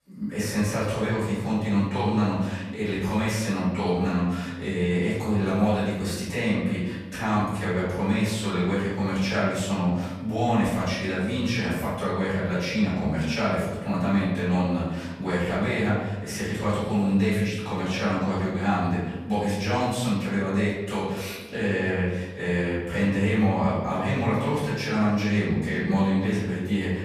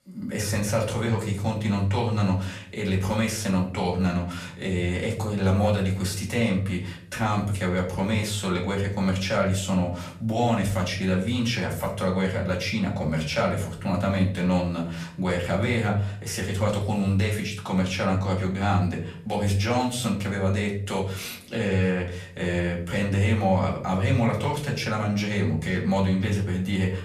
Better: second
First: room echo; strong; dies away in 1.2 s // off-mic speech; far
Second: room echo; slight; dies away in 0.5 s // off-mic speech; far

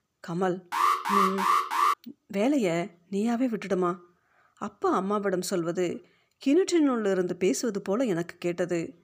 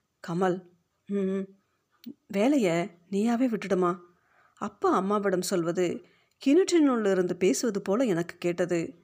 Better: second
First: alarm; loud; from 0.5 to 2 s; peak 4 dB above the speech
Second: none

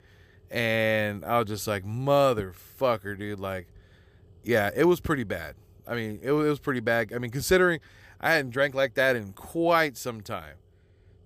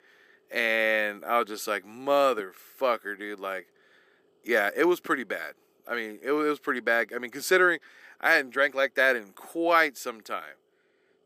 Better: first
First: none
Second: thin; somewhat; fading below 250 Hz

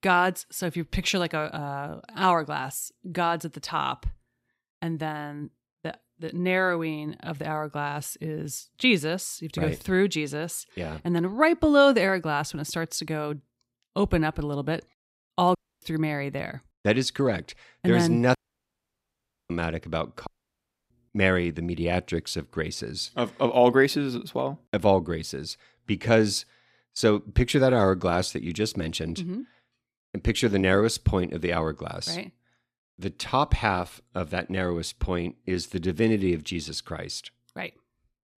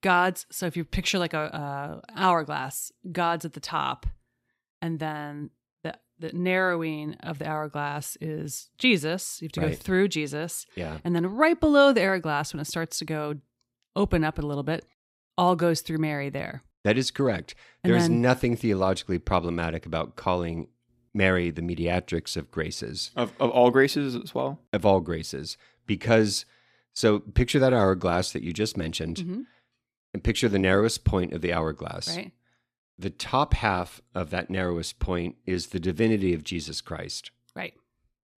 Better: second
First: audio cutting out; at 16 s, at 18 s for 1 s and at 20 s for 0.5 s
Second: none

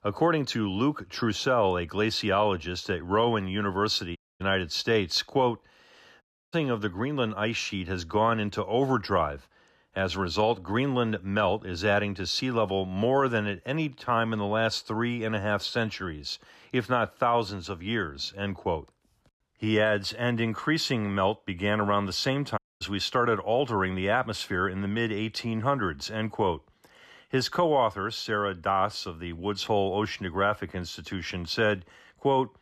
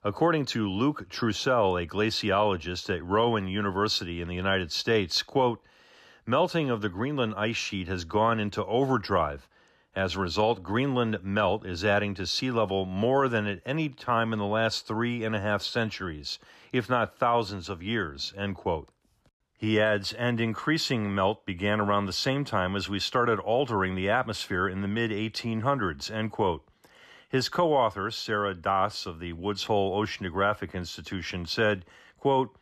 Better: second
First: audio cutting out; at 4 s, at 6 s and at 23 s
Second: none

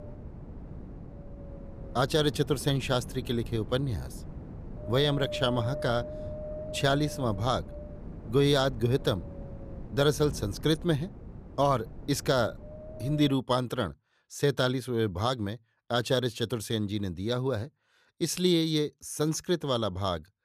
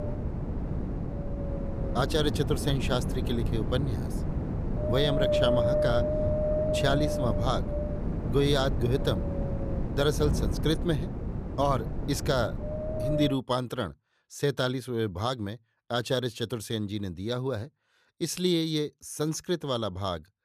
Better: first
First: wind noise on the microphone; occasional gusts; until 13 s; 15 dB below the speech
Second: wind noise on the microphone; heavy; until 13 s; 2 dB below the speech

